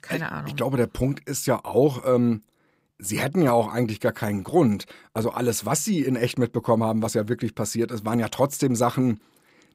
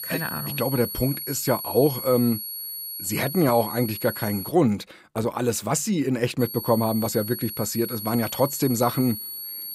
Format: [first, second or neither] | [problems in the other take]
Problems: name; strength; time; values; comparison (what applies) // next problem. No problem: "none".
first | high-pitched whine; loud; until 4.5 s and from 6.5 s on; 11.5 kHz, 7 dB below the speech